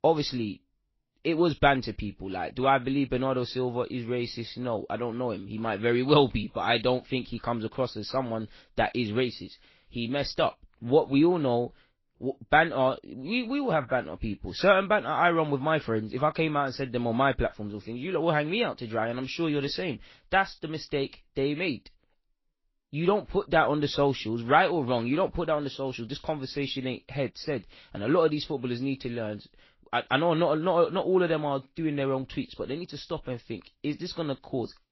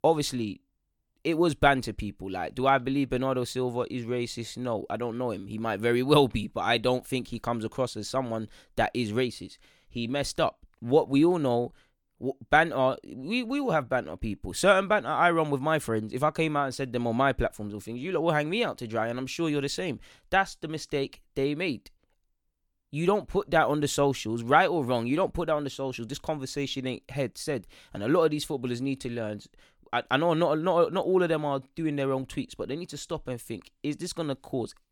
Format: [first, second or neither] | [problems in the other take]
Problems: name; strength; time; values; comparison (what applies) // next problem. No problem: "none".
second | garbled, watery; slightly; nothing above 5.5 kHz